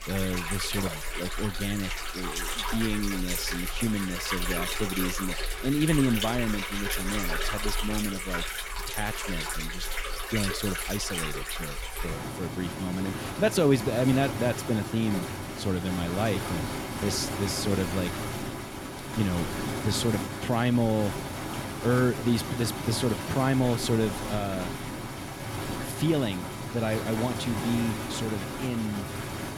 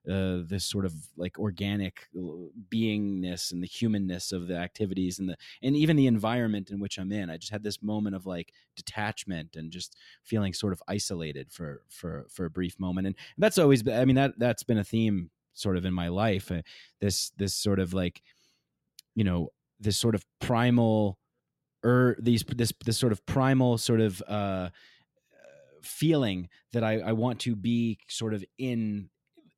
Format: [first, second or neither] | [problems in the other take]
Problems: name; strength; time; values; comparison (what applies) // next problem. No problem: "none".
second | rain or running water; loud; throughout; 3 dB below the speech